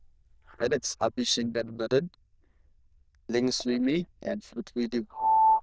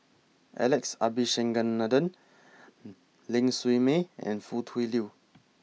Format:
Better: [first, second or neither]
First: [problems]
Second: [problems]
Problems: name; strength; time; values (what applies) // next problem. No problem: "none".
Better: second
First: noise reduction (neural diffusion model UNIVERSE++)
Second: none